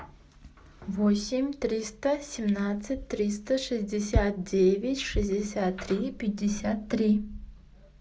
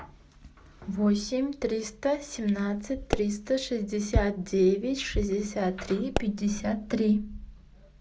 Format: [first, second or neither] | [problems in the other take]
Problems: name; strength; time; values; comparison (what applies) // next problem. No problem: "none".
first | background sound (Explosion); 9 dB below the speech